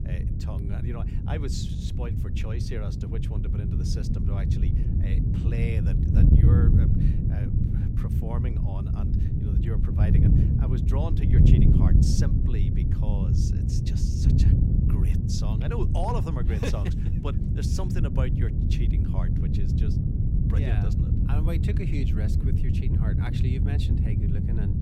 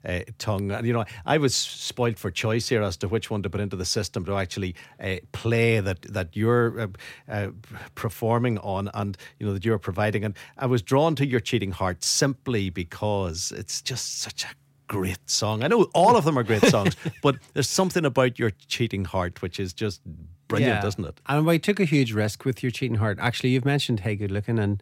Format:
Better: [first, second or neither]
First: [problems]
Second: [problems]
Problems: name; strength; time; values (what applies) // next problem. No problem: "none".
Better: second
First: wind noise on the microphone; heavy; 3 dB above the speech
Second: none